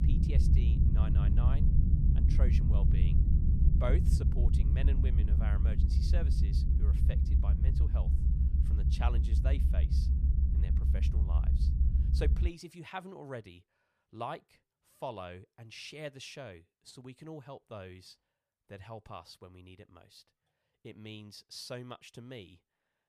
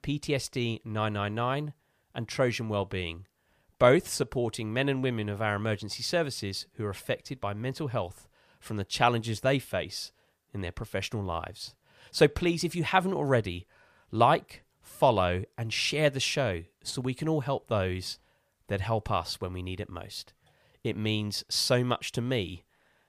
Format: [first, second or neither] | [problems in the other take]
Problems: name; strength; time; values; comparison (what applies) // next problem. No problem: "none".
second | low rumble; loud; until 12 s; 1 dB below the speech